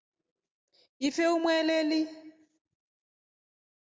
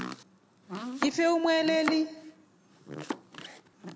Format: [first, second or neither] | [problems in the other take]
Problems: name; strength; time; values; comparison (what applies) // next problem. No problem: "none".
first | background sound (Domestic sounds, home sounds); 8 dB below the speech